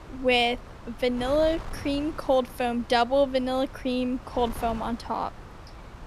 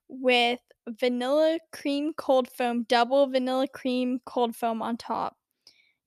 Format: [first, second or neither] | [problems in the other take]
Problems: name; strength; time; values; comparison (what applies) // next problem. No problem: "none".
second | wind noise on the microphone; occasional gusts; 20 dB below the speech